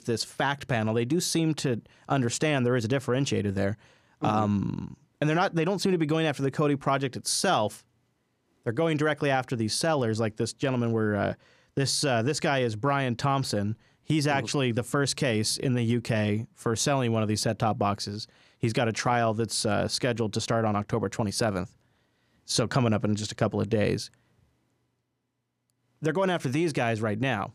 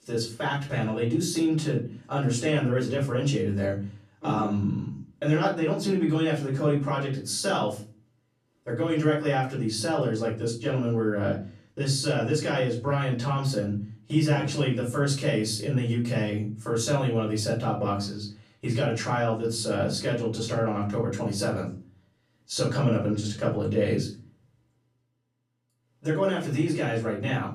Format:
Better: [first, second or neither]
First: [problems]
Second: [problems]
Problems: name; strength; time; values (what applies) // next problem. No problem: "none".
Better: first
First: none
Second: off-mic speech; far // room echo; slight; dies away in 0.4 s